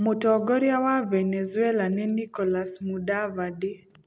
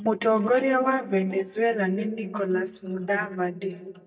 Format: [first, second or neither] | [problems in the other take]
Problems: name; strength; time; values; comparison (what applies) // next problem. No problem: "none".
first | noise reduction (neural mask model DeepFilterNet 3)